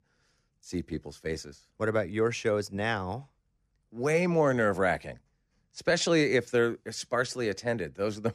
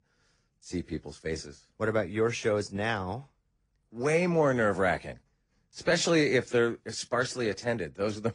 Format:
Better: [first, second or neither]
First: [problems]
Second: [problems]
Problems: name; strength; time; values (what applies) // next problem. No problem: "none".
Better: first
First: none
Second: garbled, watery; slightly; nothing above 9 kHz